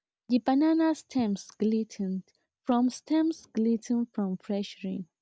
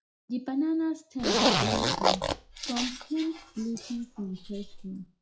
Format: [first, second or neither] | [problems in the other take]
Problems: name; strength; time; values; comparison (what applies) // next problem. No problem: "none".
first | noise reduction (classical method WPE with log-MMSE)